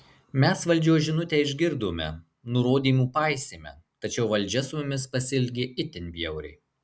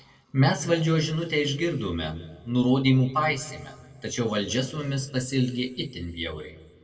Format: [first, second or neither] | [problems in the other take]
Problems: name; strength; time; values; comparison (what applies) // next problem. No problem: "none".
first | room echo; dies away in 1.3 s